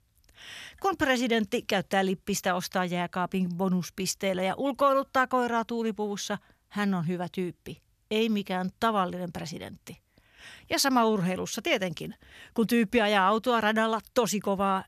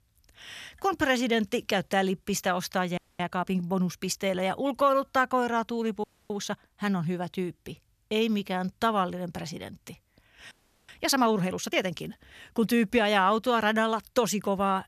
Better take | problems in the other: first | audio freezing; at 3 s, at 6 s and at 11 s

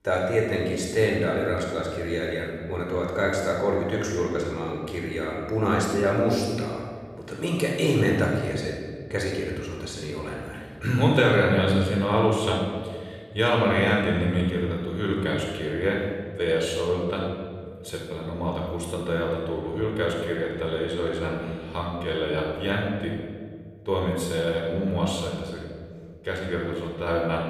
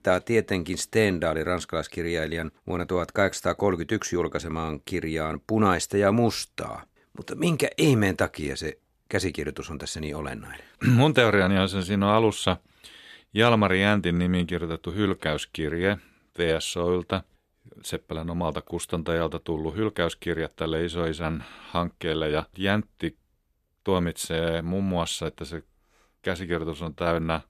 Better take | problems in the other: second | off-mic speech; somewhat distant // room echo; noticeable; dies away in 1.7 s

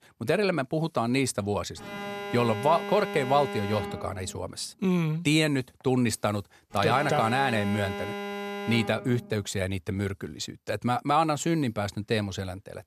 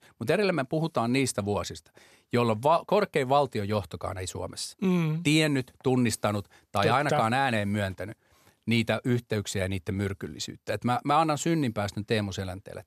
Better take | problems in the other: second | alarm; noticeable; from 2 to 9.5 s; peak 7 dB below the speech

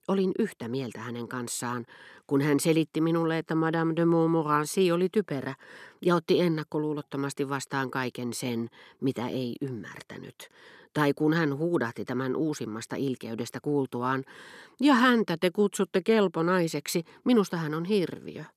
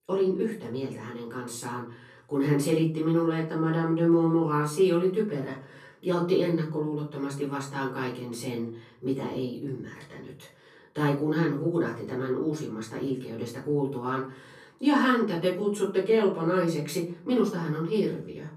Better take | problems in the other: first | off-mic speech; far // room echo; slight; dies away in 0.4 s

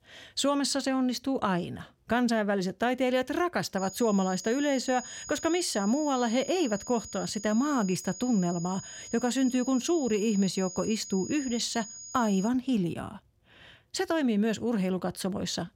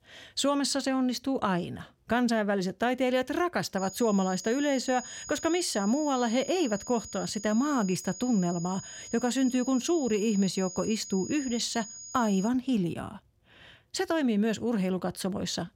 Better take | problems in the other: neither | high-pitched whine; noticeable; from 4 to 12 s; 6.5 kHz, 10 dB below the speech; the same in both

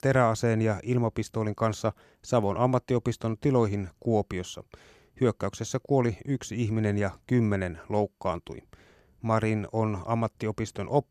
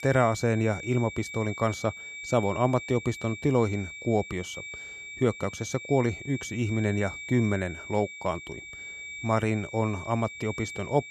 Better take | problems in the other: first | high-pitched whine; noticeable; throughout; 2.5 kHz, 10 dB below the speech

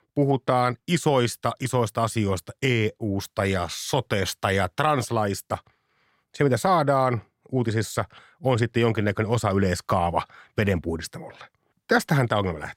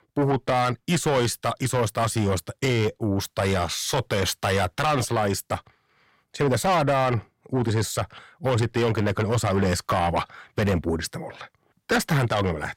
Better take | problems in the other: first | distortion; heavy; 7 dB below the speech

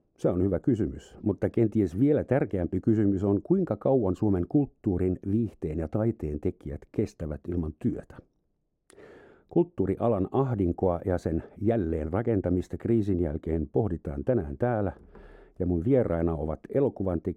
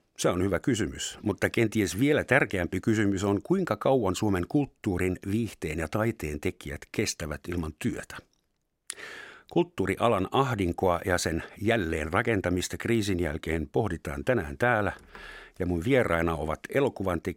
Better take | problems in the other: second | muffled; very; fading above 1 kHz

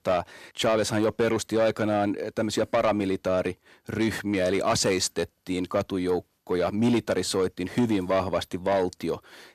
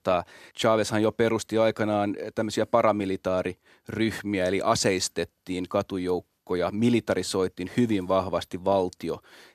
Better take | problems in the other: second | distortion; slight; 10 dB below the speech

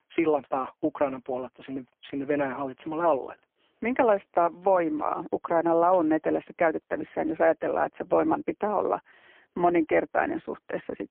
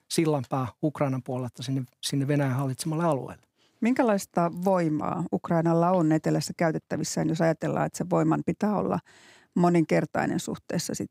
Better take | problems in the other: second | phone-call audio; poor line

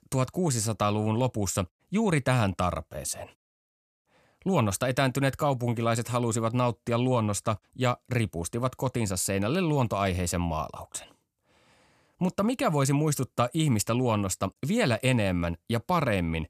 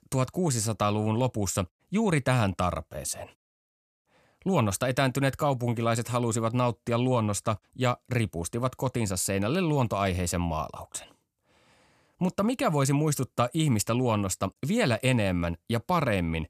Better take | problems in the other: neither | none

